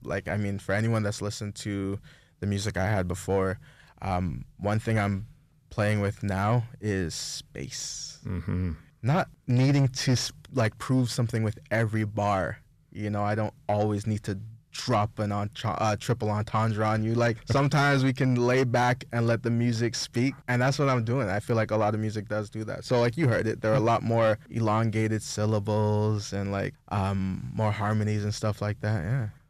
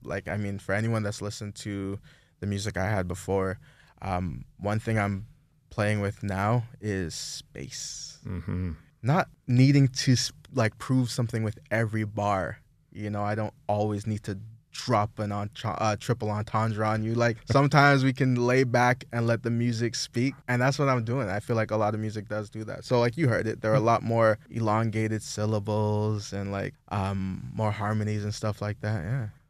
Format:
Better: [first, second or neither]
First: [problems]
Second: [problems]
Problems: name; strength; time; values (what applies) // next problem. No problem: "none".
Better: second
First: distortion; slight; 10 dB below the speech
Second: none